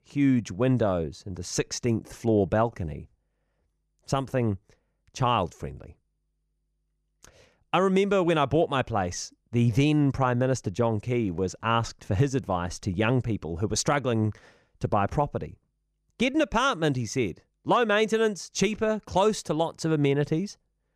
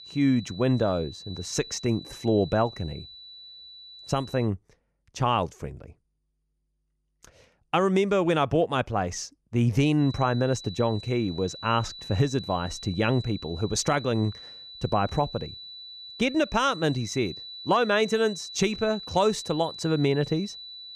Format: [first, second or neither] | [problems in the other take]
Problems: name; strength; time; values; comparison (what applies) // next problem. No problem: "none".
first | high-pitched whine; noticeable; until 4.5 s and from 10 s on; 4 kHz, 15 dB below the speech